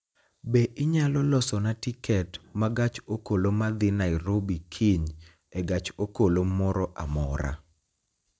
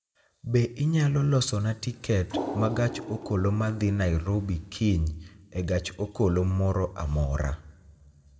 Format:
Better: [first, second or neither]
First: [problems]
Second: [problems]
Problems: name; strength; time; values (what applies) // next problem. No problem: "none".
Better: first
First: none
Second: background sound (Water); 11 dB below the speech // room echo; dies away in 0.7 s